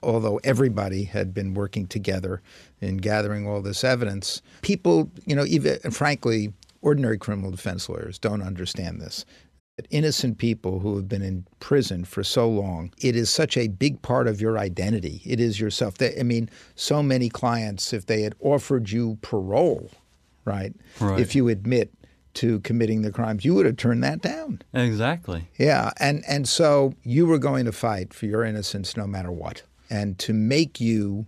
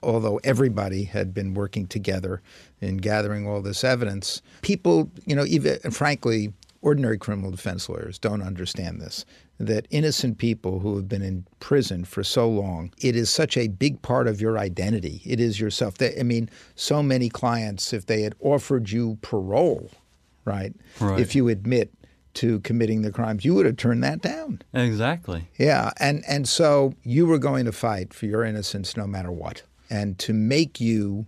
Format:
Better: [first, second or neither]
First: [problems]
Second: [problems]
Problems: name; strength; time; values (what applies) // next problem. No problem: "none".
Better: second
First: audio cutting out; at 9.5 s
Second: none